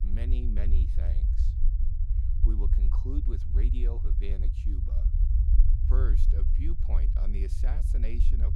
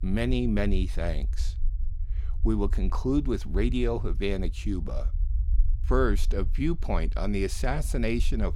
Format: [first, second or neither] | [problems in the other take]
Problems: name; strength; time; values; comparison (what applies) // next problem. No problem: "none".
second | low rumble; loud; throughout; 2 dB below the speech; faint in the second